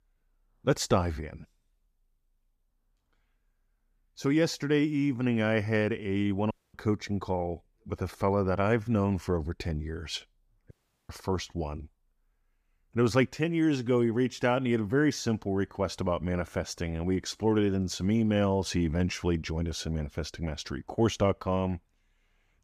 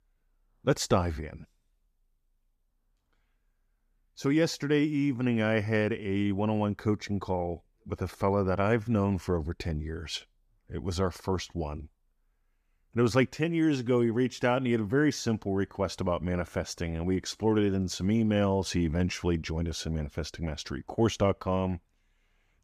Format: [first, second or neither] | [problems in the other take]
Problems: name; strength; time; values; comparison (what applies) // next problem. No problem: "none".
second | audio cutting out; at 6.5 s and at 11 s